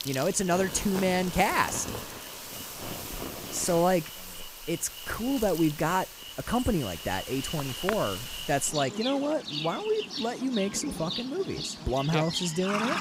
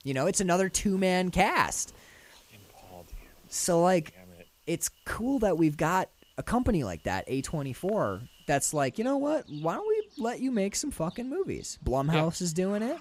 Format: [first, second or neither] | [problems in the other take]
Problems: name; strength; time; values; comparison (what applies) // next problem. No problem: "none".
second | animal sounds; loud; throughout; 7 dB below the speech; faint in the second